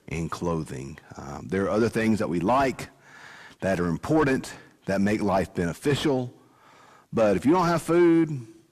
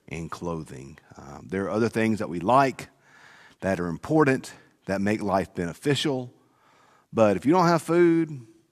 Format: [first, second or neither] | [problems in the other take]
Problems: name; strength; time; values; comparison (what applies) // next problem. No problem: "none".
second | distortion; heavy; 7 dB below the speech